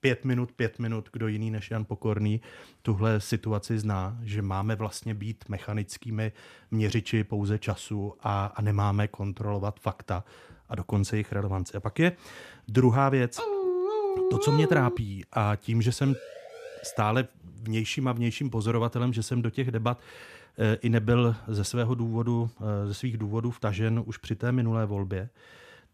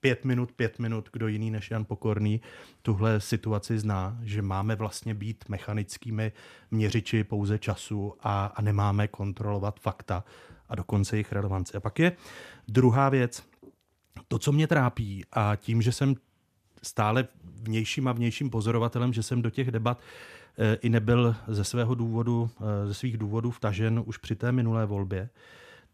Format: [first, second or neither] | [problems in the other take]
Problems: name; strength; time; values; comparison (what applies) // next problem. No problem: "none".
second | dog barking; loud; from 13 to 15 s; peak 2 dB above the speech // siren; faint; at 16 s; peak 15 dB below the speech